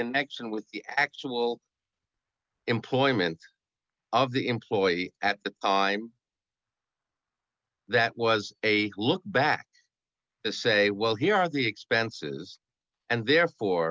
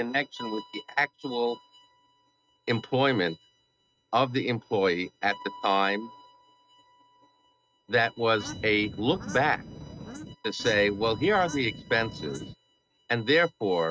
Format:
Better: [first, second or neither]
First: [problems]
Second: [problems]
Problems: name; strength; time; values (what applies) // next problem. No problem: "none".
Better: first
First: none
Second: noise reduction (neural mask model RNNoise)